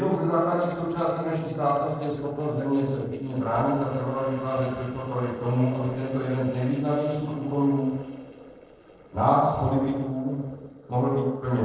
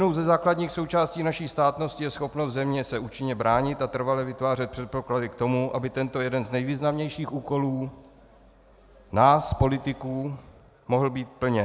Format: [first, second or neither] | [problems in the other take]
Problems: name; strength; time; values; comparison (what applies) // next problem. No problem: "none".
second | noise reduction (neural separator model SepFormer DNS4)